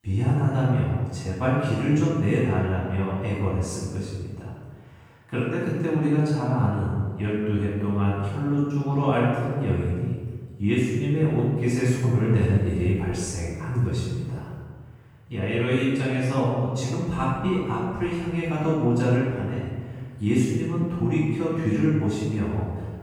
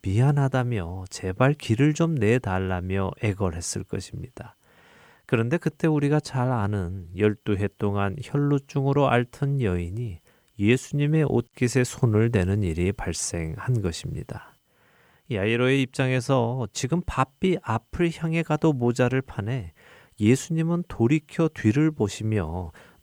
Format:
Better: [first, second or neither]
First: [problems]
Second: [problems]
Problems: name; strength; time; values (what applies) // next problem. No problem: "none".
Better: second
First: off-mic speech; far // room echo; strong; dies away in 1.5 s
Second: none